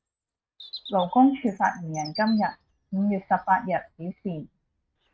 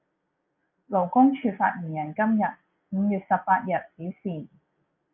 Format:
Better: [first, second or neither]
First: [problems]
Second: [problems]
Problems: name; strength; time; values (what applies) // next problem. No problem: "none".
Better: second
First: noise reduction (neural mask model RNNoise)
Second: none